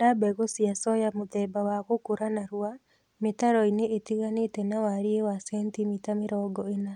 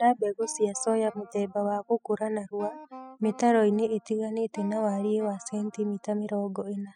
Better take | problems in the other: first | noise reduction (classical method spectral subtraction)

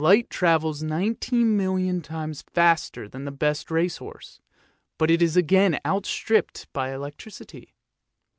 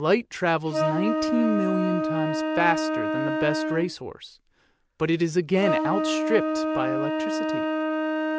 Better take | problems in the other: first | background sound (Wind instrument, woodwind instrument); as loud as the speech

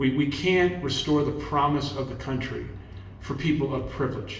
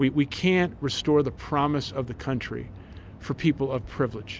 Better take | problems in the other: second | room echo; dies away in 0.8 s

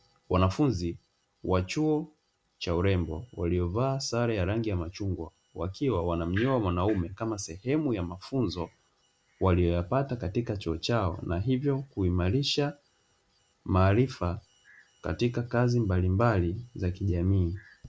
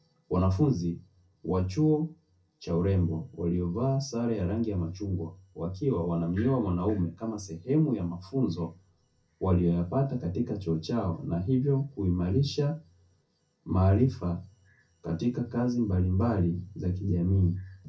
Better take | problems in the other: first | room echo; dies away in 0.3 s

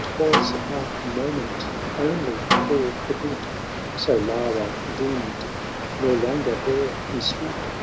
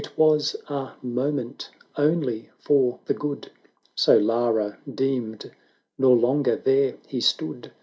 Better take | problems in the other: second | background sound (Water + Snare drum); 1 dB below the speech

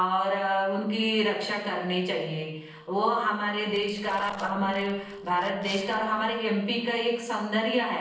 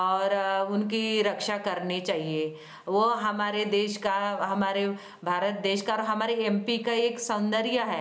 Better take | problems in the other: second | noise reduction (neural separator model SepFormer DNS4)

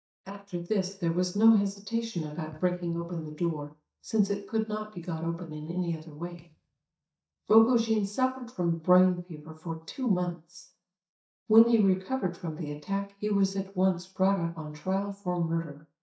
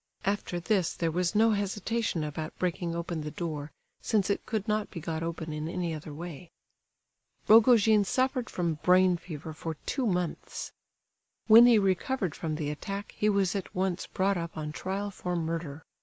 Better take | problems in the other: second | noise reduction (neural mask model DeepFilterNet 3)

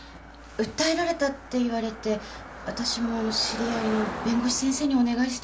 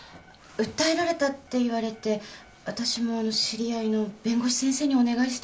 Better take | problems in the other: second | background sound (Car passing by); 11 dB below the speech

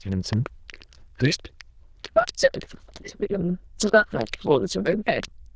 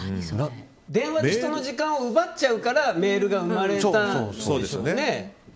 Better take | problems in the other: second | noise reduction (neural diffusion model UNIVERSE++)

